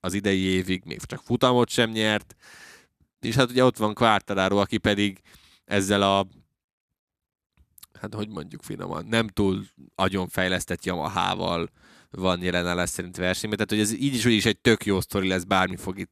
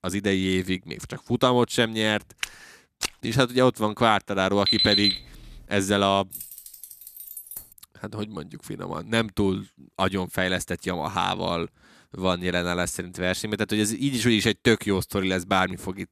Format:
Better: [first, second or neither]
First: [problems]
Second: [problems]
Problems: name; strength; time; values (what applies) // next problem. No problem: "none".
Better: first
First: none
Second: footsteps; noticeable; at 2.5 s; peak 7 dB below the speech // alarm; loud; at 4.5 s; peak 5 dB above the speech // jangling keys; faint; from 6.5 to 7.5 s; peak 10 dB below the speech